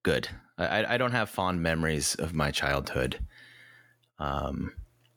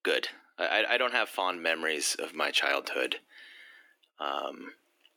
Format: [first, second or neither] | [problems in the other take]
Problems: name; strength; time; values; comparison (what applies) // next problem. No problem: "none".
first | thin; somewhat; fading below 300 Hz